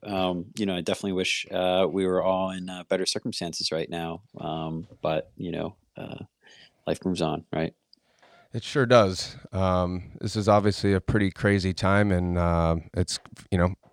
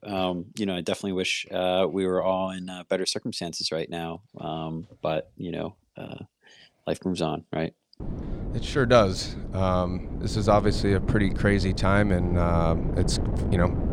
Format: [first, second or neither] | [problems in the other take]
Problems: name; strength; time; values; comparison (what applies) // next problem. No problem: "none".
first | wind noise on the microphone; occasional gusts; from 8 s on; 10 dB below the speech